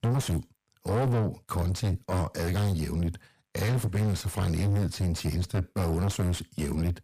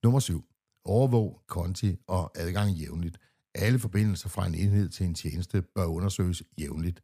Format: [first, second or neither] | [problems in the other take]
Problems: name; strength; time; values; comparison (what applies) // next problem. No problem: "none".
second | distortion; heavy; 5 dB below the speech